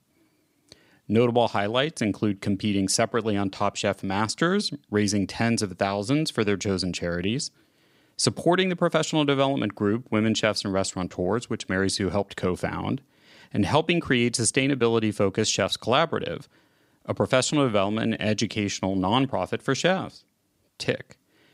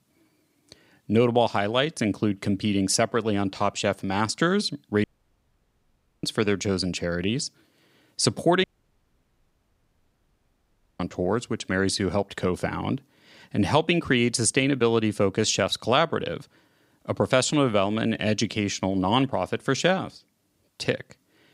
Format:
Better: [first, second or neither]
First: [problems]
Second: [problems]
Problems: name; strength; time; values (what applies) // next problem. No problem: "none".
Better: first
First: none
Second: audio cutting out; at 5 s for 1 s and at 8.5 s for 2.5 s